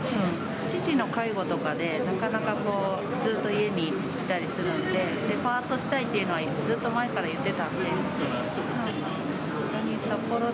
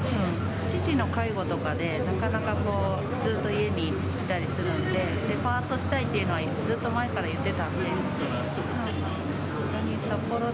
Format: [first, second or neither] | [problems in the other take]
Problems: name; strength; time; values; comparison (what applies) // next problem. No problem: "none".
first | background sound (Drum); 3 dB below the speech